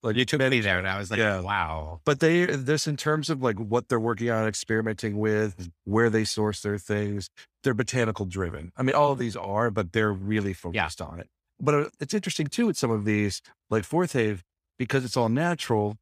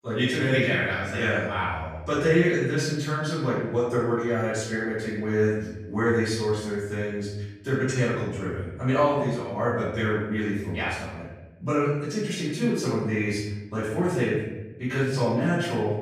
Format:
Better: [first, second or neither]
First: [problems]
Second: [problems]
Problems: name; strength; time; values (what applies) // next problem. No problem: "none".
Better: first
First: none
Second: room echo; noticeable; dies away in 1 s // off-mic speech; far